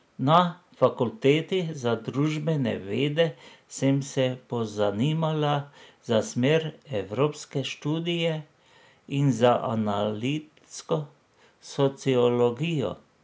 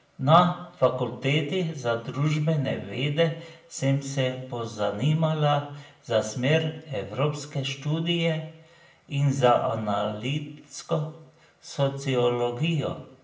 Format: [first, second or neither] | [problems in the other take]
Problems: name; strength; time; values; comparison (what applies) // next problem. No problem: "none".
first | room echo; dies away in 0.5 s